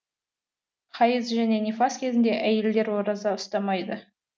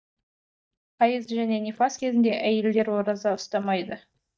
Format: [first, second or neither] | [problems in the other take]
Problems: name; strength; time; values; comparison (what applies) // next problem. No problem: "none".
first | noise reduction (neural mask model DeepFilterNet 3)